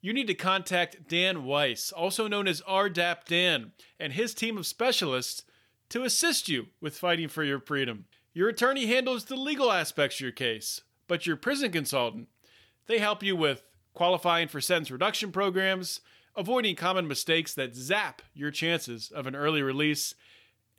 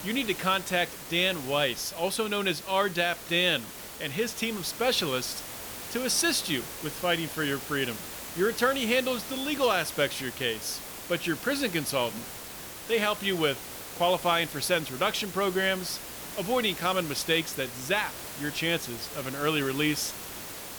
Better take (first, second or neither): first